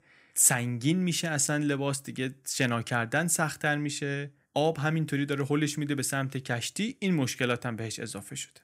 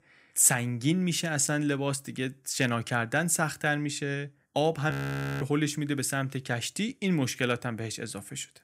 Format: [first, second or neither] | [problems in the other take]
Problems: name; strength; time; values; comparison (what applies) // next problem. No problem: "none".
first | audio freezing; at 5 s for 0.5 s